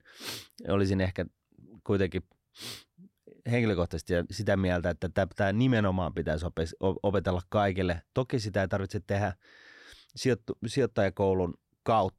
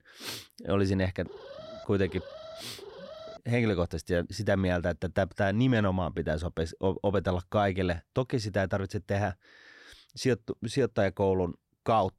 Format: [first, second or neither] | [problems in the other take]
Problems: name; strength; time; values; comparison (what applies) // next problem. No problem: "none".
first | alarm; faint; from 1.5 to 3.5 s; peak 15 dB below the speech